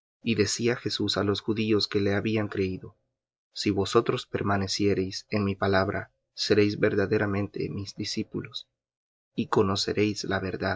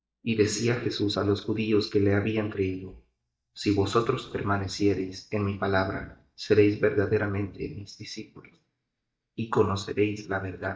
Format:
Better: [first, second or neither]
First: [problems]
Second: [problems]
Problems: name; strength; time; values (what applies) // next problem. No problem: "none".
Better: first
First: none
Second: noise reduction (neural mask model DeepFilterNet 3)